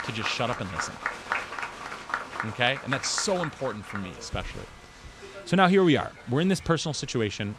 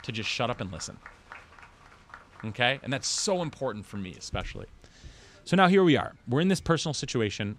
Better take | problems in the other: second | crowd noise; loud; throughout; 9 dB below the speech; faint in the second

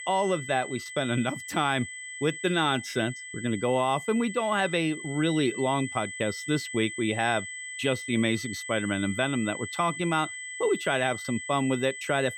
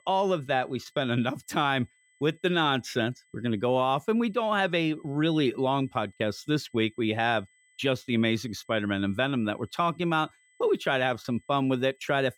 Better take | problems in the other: second | high-pitched whine; loud; throughout; 2 kHz, 9 dB below the speech; faint in the second

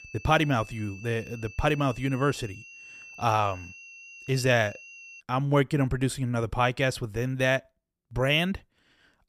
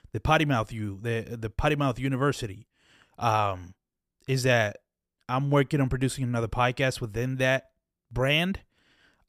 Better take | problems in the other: second | high-pitched whine; noticeable; until 5 s; 2.5 kHz, 20 dB below the speech

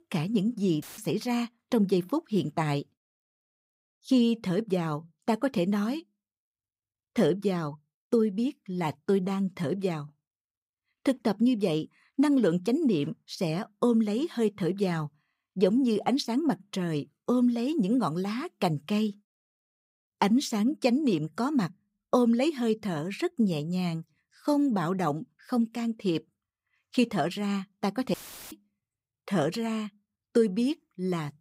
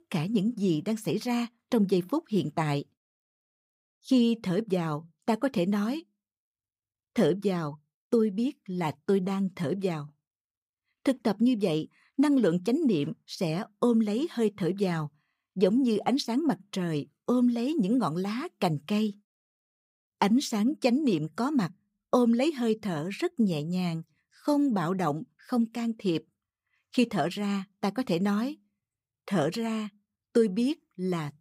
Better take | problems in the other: second | audio cutting out; filled with static; at 1 s and at 28 s

